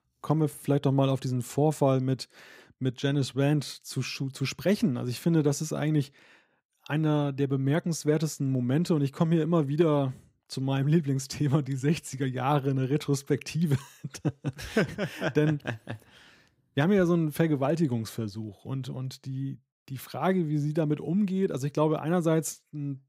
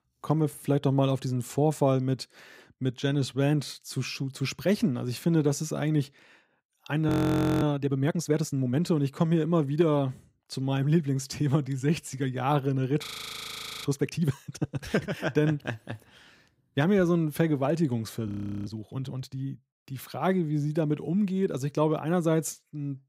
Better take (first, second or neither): first